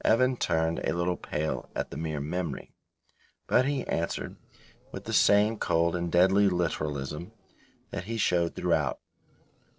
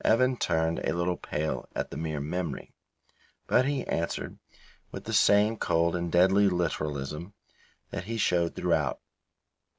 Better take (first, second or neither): second